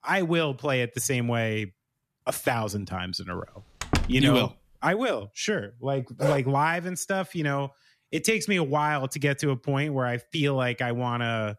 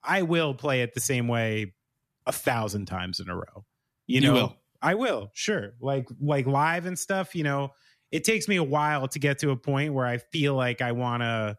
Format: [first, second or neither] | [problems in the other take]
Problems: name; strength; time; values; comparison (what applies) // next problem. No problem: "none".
second | door banging; noticeable; at 4 s; peak 2 dB below the speech // dog barking; noticeable; at 6 s; peak 3 dB below the speech